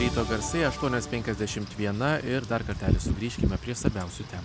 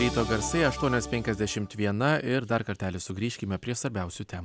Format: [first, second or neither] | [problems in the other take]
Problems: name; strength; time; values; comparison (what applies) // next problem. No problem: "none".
second | background sound (Wind / Rain); 3 dB below the speech